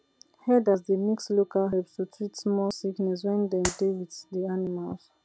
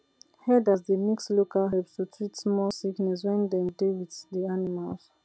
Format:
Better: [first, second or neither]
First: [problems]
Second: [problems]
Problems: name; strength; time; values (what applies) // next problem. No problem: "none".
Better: second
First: background sound (Clapping); 6 dB below the speech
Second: none